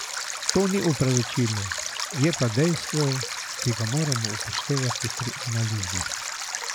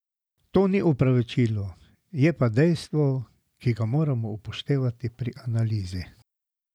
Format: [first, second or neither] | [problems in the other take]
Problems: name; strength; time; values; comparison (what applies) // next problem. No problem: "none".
second | background sound (Stream); 4 dB below the speech